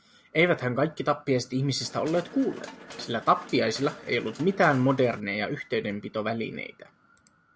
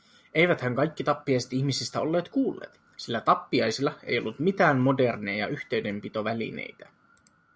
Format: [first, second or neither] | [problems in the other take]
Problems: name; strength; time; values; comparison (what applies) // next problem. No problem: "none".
second | background sound (Mechanisms); 17 dB below the speech